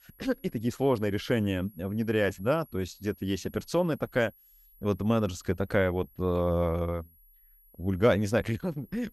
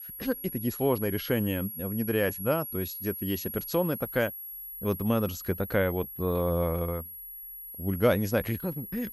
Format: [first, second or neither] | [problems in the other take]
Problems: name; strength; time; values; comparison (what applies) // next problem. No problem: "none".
first | high-pitched whine; loud; throughout; 11.5 kHz, 8 dB below the speech; faint in the first